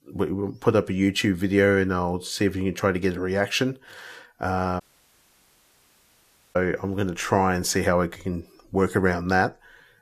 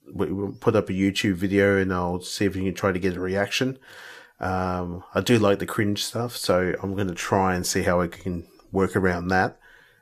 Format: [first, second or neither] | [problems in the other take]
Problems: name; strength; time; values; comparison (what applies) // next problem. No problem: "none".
second | audio cutting out; at 5 s for 2 s